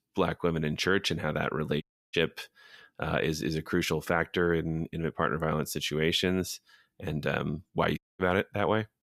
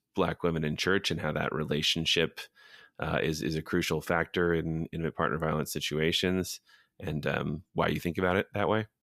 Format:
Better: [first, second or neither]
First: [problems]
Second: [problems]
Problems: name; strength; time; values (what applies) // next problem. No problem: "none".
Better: second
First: audio cutting out; at 2 s and at 8 s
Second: none